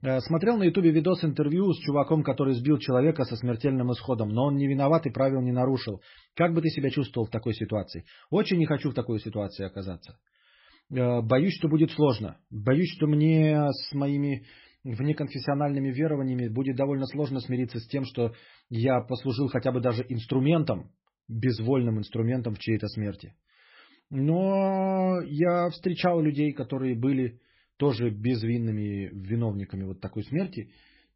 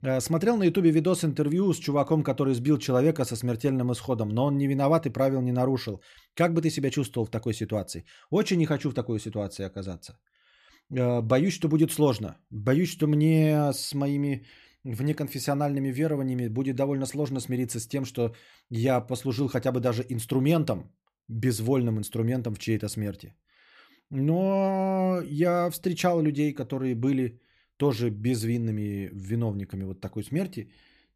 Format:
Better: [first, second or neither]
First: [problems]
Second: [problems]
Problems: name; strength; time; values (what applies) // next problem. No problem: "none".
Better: second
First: garbled, watery; badly; nothing above 5.5 kHz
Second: none